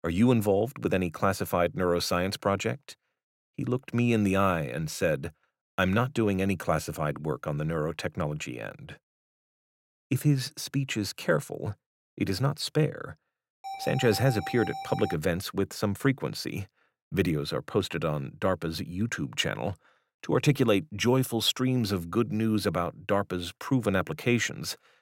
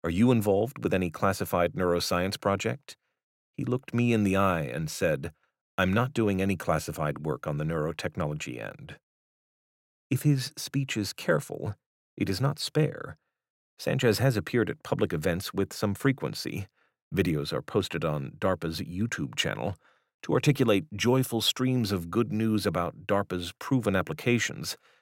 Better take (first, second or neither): second